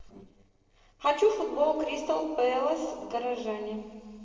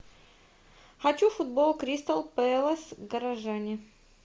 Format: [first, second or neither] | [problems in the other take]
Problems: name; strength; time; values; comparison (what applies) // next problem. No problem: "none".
second | noise reduction (neural separator model SepFormer DNS4)